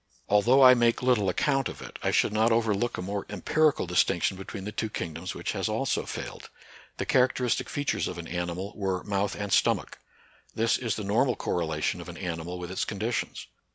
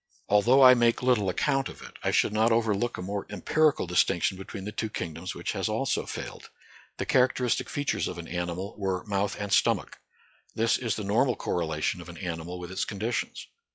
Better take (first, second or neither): first